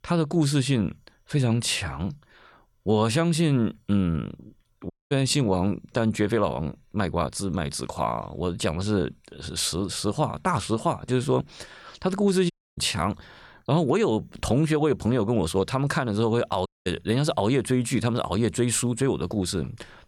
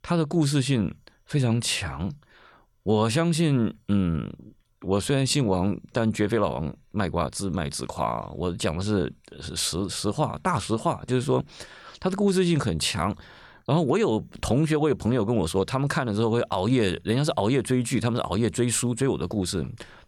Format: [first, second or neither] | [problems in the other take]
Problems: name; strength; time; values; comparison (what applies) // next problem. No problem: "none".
second | audio cutting out; at 5 s, at 13 s and at 17 s